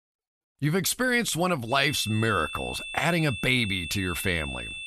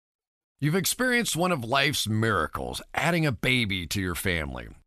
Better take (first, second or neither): second